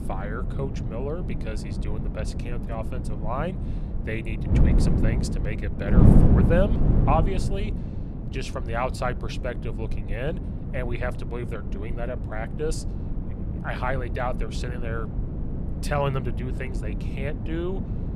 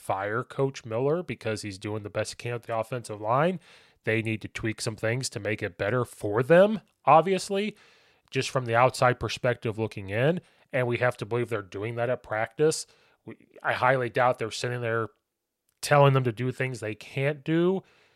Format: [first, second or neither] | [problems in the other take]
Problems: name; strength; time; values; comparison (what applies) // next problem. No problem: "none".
second | wind noise on the microphone; heavy; 5 dB below the speech